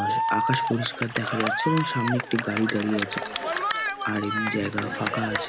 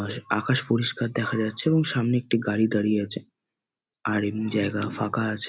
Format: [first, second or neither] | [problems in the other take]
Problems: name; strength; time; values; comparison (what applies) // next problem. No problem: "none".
second | background sound (Cheering); as loud as the speech